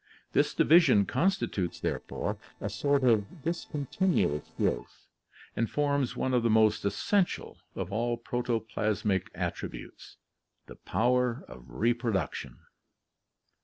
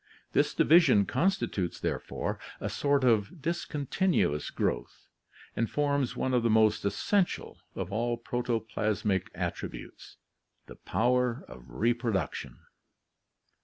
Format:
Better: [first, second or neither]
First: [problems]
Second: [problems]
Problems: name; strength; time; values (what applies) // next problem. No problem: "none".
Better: second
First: noise reduction (neural separator model SepFormer DNS4)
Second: none